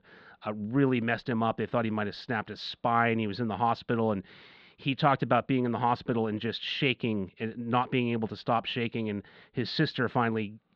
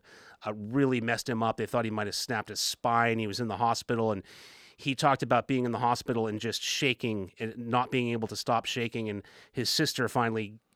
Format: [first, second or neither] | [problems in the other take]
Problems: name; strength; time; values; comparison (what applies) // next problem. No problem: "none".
second | muffled; slightly; fading above 4 kHz